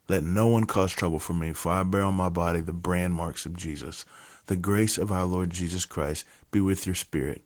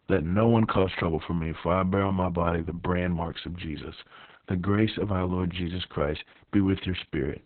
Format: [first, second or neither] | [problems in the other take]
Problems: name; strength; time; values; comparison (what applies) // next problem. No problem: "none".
first | garbled, watery; badly; nothing above 4 kHz; slightly in the first